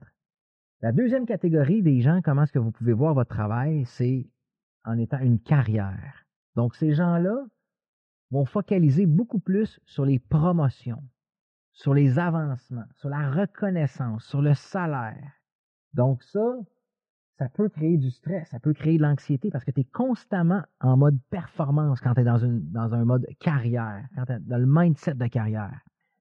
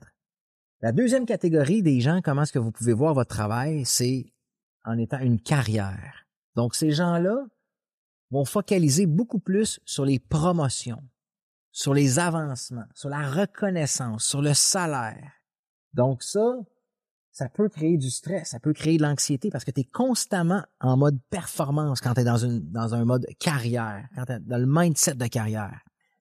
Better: second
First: muffled; very; fading above 2.5 kHz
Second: none

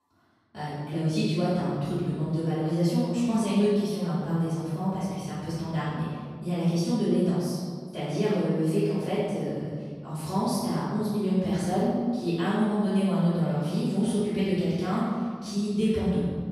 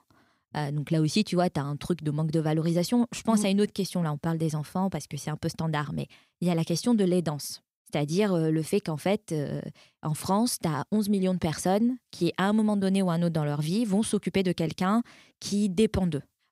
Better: second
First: off-mic speech; far // room echo; strong; dies away in 1.6 s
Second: none

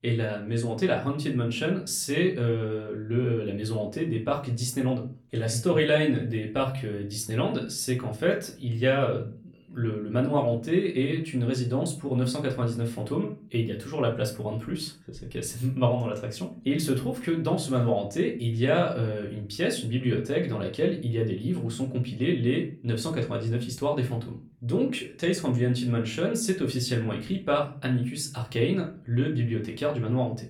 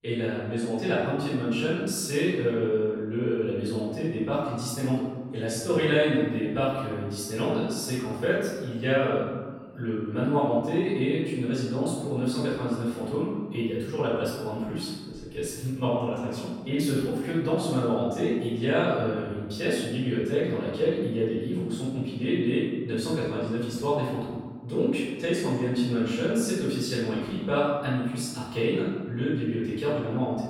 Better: first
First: room echo; slight; dies away in 0.3 s // off-mic speech; far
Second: room echo; strong; dies away in 1.2 s // off-mic speech; far

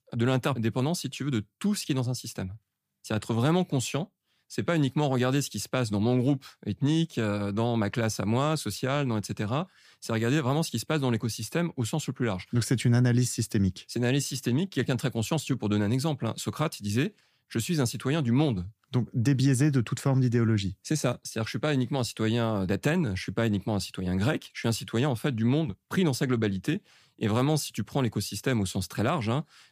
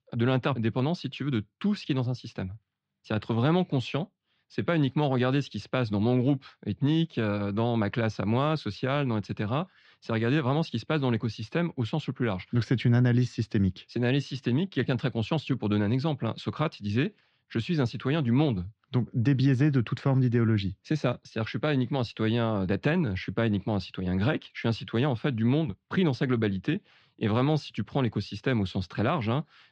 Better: first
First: none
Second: muffled; slightly; fading above 4 kHz

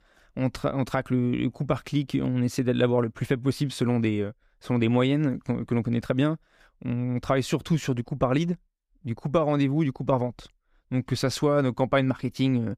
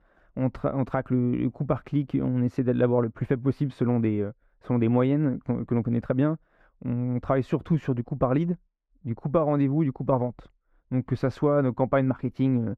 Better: first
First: none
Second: muffled; very; fading above 2.5 kHz

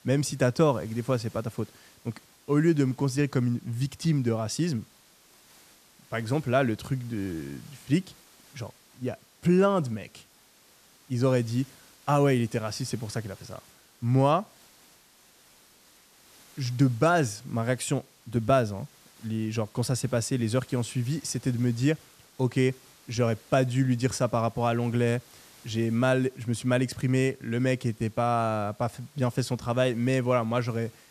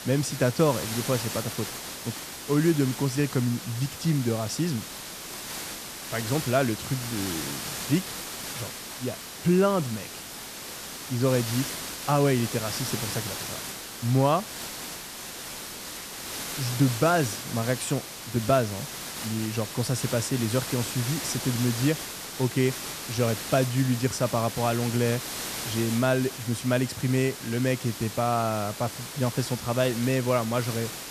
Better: first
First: hiss; faint; throughout; 25 dB below the speech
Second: hiss; loud; throughout; 7 dB below the speech

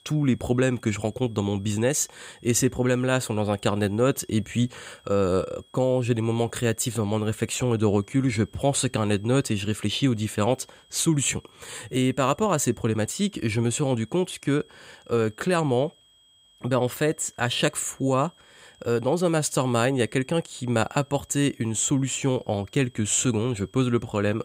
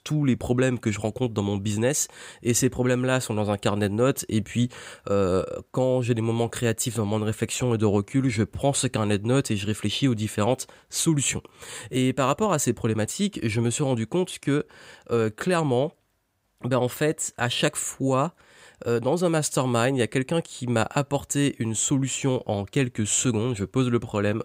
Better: second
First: high-pitched whine; faint; throughout; 3.5 kHz, 30 dB below the speech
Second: none

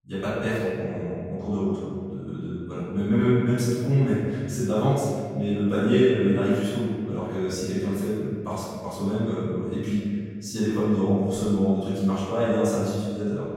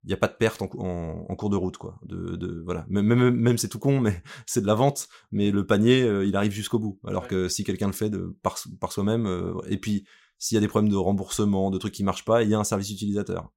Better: second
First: off-mic speech; far // room echo; strong; dies away in 1.9 s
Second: none

